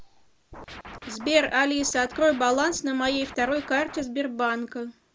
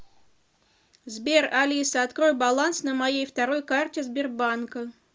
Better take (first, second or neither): second